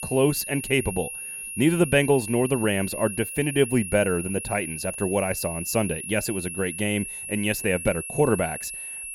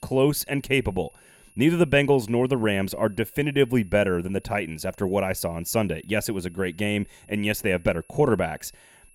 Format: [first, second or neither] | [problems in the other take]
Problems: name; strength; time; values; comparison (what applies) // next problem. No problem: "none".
second | high-pitched whine; loud; throughout; 10.5 kHz, 8 dB below the speech; faint in the second